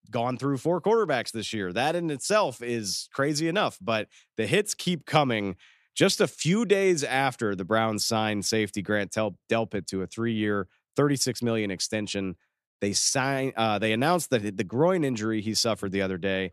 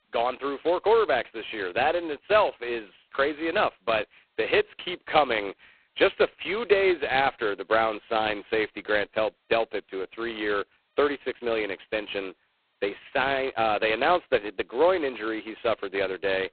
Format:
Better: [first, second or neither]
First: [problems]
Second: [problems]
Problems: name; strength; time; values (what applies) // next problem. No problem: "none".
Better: first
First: none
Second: phone-call audio; poor line; nothing above 4 kHz